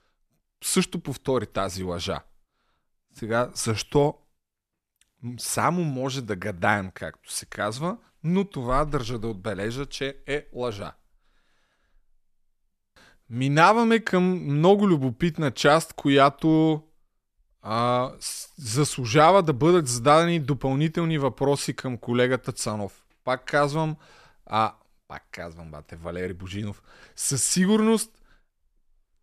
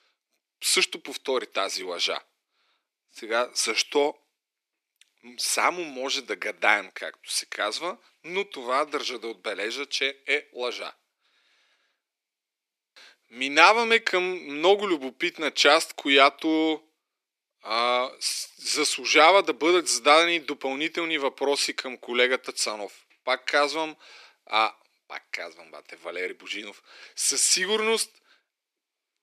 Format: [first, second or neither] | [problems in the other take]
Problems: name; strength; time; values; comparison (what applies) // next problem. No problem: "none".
first | thin; somewhat; fading below 300 Hz